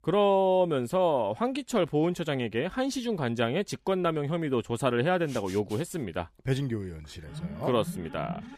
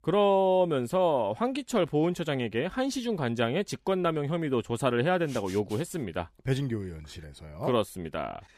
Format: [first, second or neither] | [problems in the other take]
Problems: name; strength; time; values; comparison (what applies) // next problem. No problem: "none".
second | alarm; faint; from 7.5 s on; peak 10 dB below the speech